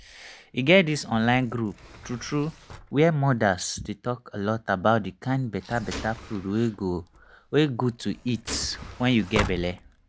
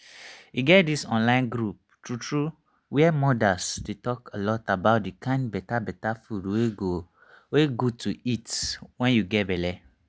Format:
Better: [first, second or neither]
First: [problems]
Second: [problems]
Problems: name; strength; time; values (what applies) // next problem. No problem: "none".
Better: second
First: background sound (Sliding door + Gunshot, gunfire); 14 dB below the speech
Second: none